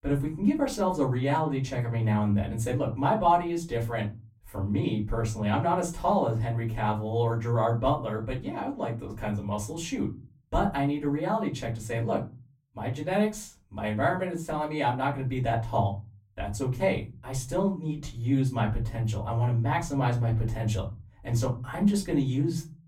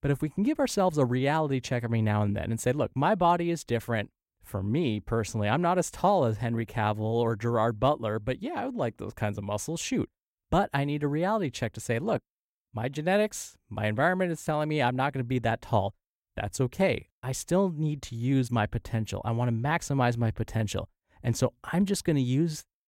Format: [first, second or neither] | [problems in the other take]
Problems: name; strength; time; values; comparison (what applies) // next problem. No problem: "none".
second | off-mic speech; far // room echo; very slight; dies away in 0.3 s